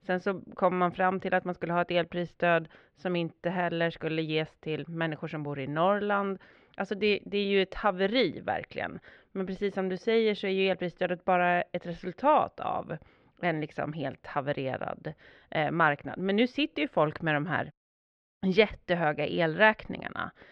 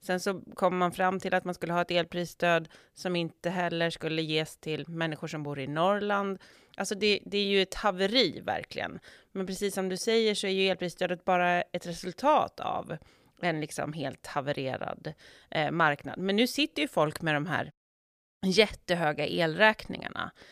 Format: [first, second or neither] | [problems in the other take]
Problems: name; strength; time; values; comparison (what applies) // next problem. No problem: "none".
second | muffled; slightly; fading above 3 kHz